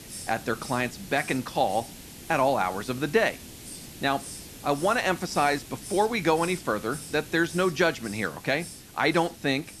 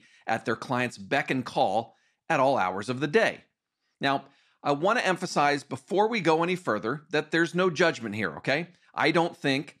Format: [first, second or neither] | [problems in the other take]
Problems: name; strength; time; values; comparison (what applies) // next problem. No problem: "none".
second | hiss; noticeable; throughout; 15 dB below the speech